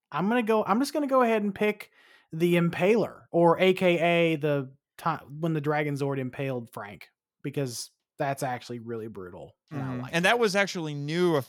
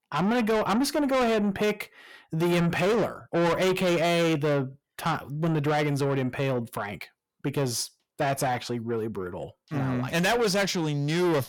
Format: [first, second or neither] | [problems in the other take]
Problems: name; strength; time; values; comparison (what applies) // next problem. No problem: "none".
first | distortion; heavy; 6 dB below the speech